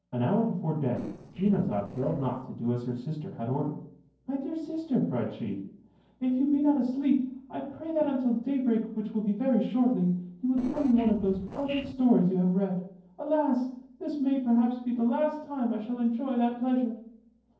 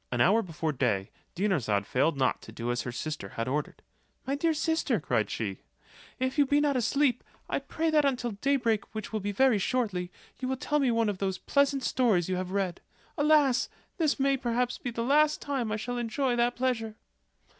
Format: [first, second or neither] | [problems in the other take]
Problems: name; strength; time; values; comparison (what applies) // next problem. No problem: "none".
second | noise reduction (neural separator model SepFormer DNS4)